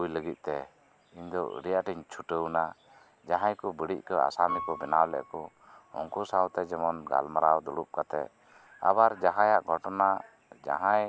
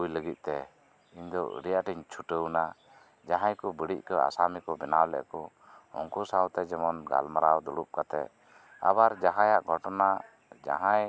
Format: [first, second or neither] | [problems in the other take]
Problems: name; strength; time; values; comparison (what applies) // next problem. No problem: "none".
second | background sound (Piano); 19 dB below the speech